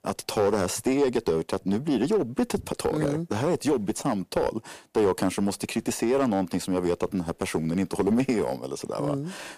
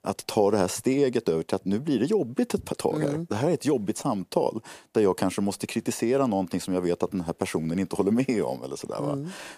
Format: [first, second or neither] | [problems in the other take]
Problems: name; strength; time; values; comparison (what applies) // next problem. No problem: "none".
second | distortion; slight; 4% of the sound clipped